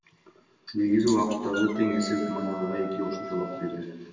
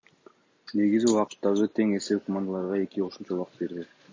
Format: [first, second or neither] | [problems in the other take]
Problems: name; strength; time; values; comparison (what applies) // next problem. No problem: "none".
second | background sound (Wind instrument, woodwind instrument); 10 dB below the speech // room echo; dies away in 1.3 s